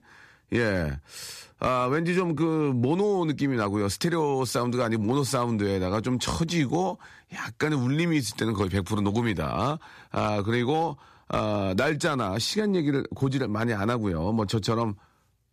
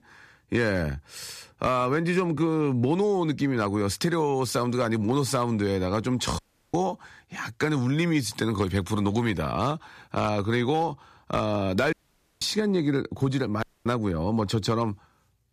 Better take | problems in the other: first | audio cutting out; at 6.5 s, at 12 s and at 14 s

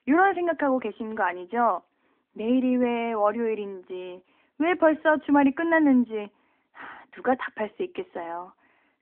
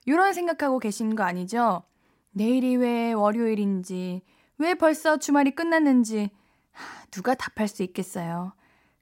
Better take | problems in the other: second | phone-call audio

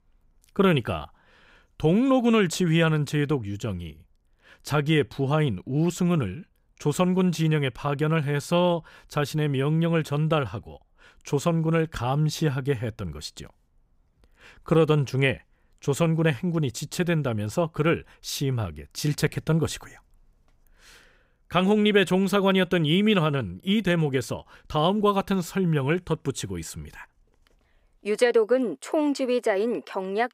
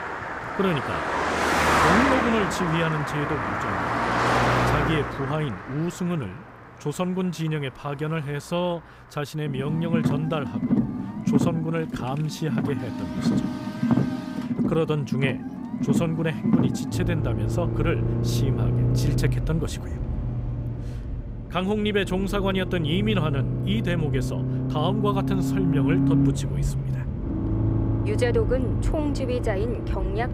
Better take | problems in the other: first | traffic noise; very loud; throughout; 2 dB above the speech

